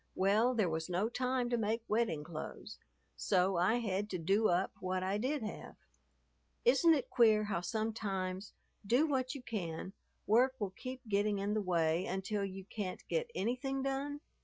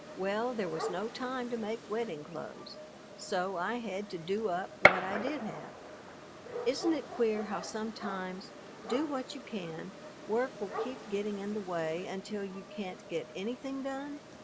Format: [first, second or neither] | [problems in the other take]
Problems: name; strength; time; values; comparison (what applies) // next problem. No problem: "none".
first | background sound (Gunshot, gunfire); 2 dB below the speech